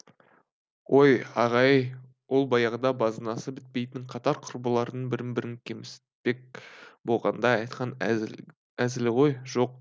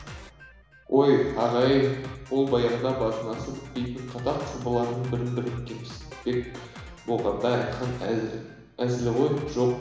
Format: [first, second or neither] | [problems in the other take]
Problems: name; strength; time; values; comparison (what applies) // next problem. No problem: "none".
first | background sound (Drum kit); 17 dB below the speech // room echo; dies away in 1 s